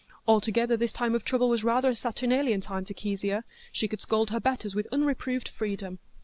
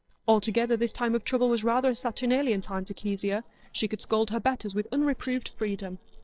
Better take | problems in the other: first | noise reduction (neural separator model SepFormer DNS4)

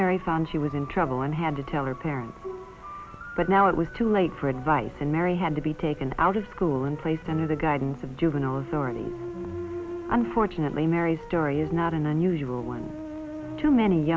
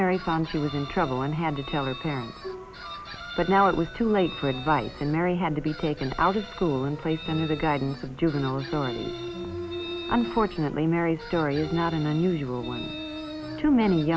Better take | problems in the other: first | background sound (Chicken, rooster); 17 dB below the speech

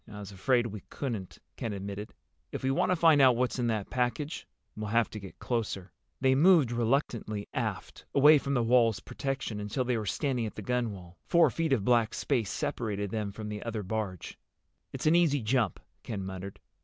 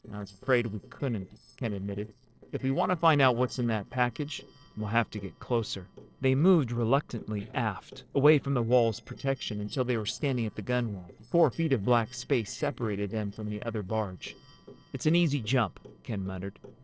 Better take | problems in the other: first | noise reduction (neural separator model SepFormer DNS4)

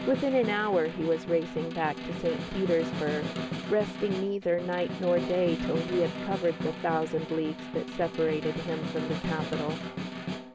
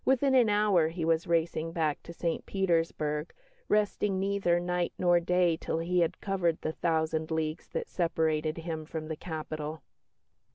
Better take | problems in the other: second | background sound (Snare drum); 5 dB below the speech

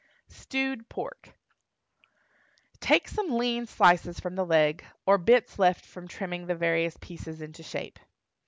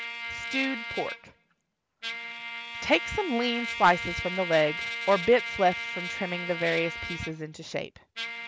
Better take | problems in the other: first | background sound (Trumpet); 7 dB below the speech

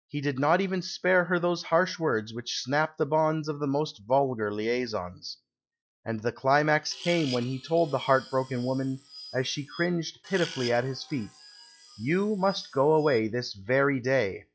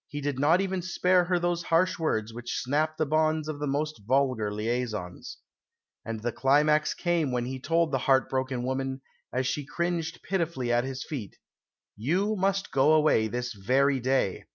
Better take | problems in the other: second | noise reduction (classical method log-MMSE)

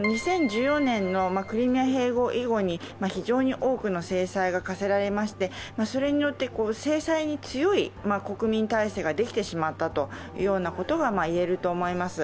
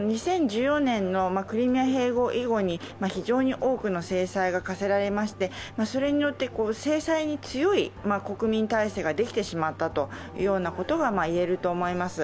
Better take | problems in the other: second | background sound (Keyboard (musical)); 11 dB below the speech

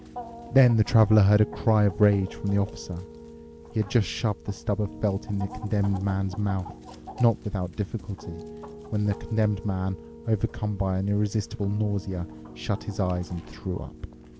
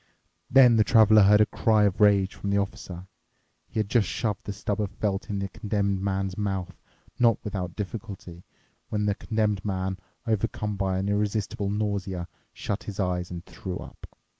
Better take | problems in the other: second | background sound (Piano + Chicken, rooster); 16 dB below the speech

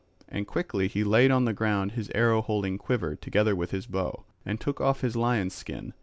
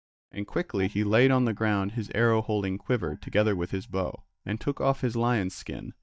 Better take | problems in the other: first | noise reduction (neural mask model DeepFilterNet 3)

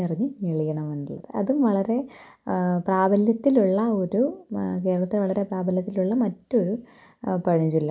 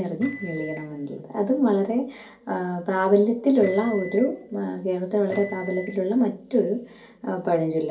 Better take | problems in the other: first | background sound (Microwave oven); 16 dB below the speech // room echo; dies away in 0.3 s

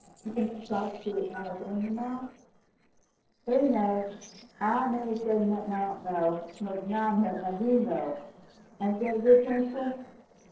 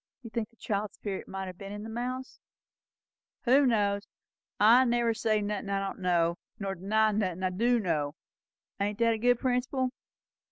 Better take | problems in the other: second | noise reduction (neural separator model SepFormer DNS4)

